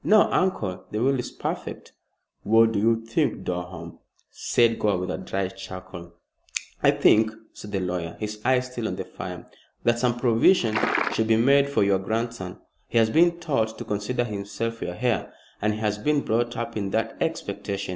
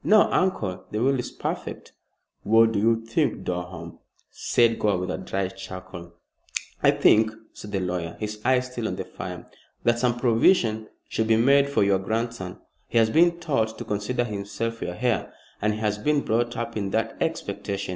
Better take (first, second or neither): second